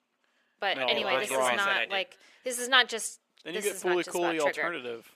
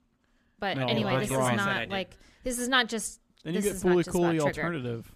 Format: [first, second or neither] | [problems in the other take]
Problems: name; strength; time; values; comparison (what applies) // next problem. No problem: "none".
second | thin; very; fading below 500 Hz